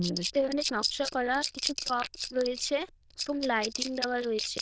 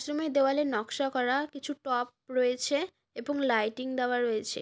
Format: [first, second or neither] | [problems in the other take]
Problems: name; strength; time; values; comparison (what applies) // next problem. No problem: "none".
second | noise reduction (neural diffusion model UNIVERSE++)